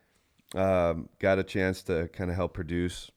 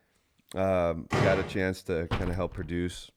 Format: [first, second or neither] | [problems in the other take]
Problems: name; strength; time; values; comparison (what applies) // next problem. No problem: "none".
first | door banging; loud; at 1 s; peak 2 dB above the speech // door banging; noticeable; at 2 s; peak 5 dB below the speech